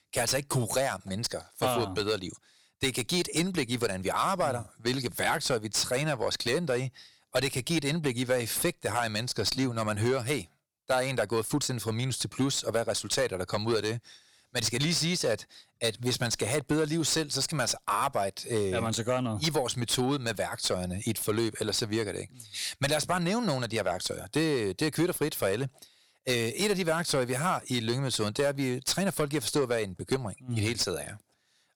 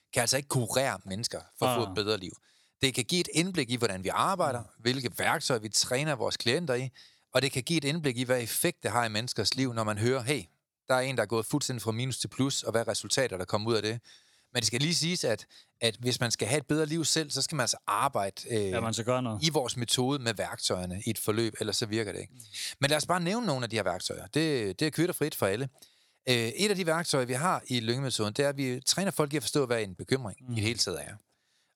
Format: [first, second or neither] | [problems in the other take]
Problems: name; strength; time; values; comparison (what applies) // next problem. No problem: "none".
second | distortion; slight; 10 dB below the speech